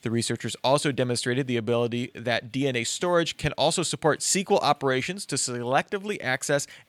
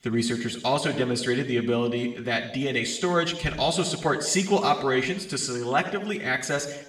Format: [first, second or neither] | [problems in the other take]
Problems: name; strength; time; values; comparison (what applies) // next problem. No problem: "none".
first | room echo; slight; dies away in 0.8 s // off-mic speech; somewhat distant